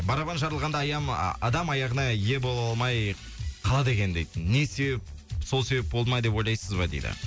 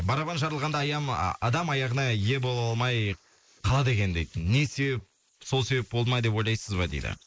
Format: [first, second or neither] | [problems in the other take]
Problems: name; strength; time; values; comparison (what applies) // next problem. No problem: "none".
first | noise reduction (neural mask model Resemble Enhance denoiser)